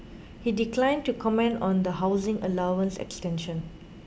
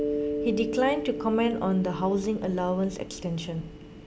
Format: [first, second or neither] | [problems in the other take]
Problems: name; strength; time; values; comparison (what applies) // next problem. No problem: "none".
first | background sound (Mallet percussion); 6 dB below the speech